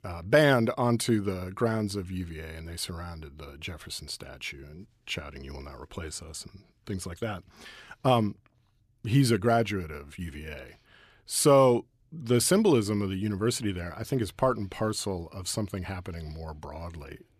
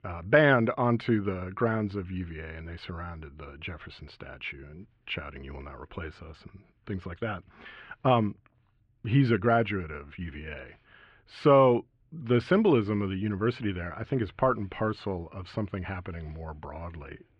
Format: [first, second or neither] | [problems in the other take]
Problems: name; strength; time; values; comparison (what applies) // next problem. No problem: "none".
first | muffled; very; fading above 3 kHz